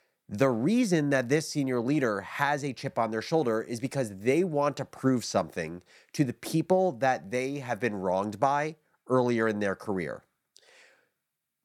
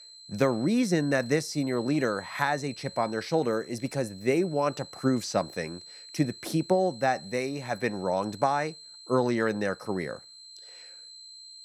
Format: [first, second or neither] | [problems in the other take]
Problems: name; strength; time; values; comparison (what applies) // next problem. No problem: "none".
first | high-pitched whine; noticeable; throughout; 4 kHz, 15 dB below the speech